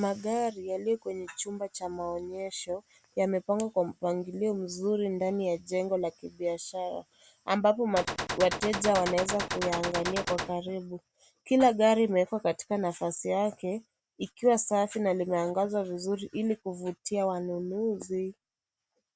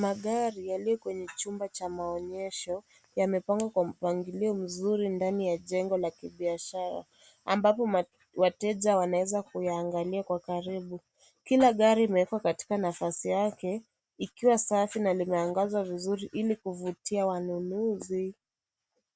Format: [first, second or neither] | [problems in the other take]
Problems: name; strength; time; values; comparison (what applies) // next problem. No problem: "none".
second | background sound (Gunshot, gunfire); 4 dB below the speech